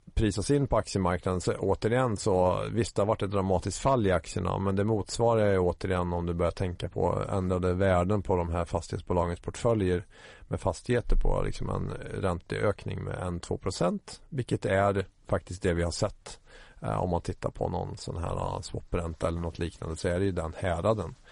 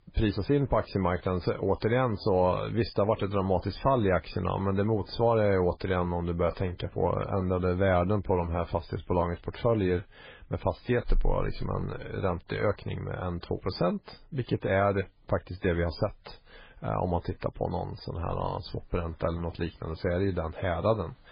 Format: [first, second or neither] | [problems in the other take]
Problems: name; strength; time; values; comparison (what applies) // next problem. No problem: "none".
first | garbled, watery; badly; nothing above 5 kHz; slightly in the first